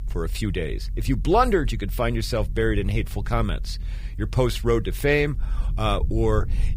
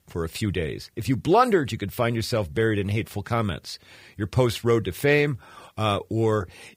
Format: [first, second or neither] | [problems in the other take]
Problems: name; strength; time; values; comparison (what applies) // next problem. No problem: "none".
second | low rumble; faint; throughout; 25 dB below the speech